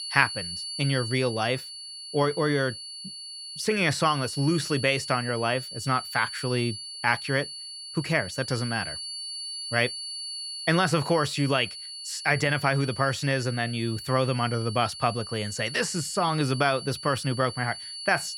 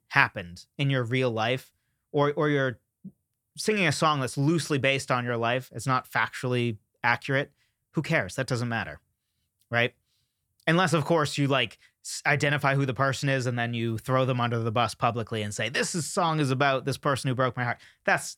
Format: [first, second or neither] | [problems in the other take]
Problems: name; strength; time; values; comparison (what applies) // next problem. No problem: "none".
second | high-pitched whine; loud; throughout; 4.5 kHz, 9 dB below the speech